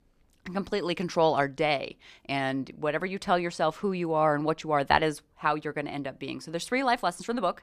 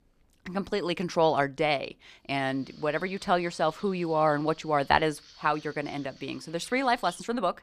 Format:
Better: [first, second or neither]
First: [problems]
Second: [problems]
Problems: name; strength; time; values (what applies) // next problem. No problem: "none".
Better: first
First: none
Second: animal sounds; faint; from 2.5 s on; 25 dB below the speech